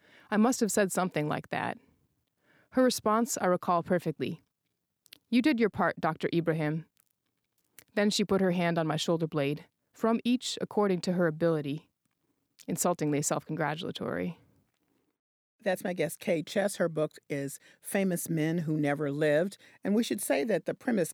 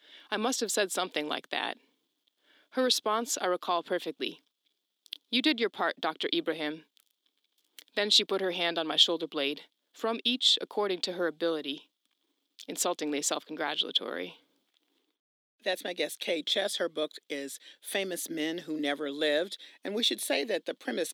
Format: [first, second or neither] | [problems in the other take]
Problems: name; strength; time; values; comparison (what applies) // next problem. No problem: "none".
first | thin; very slightly; fading below 300 Hz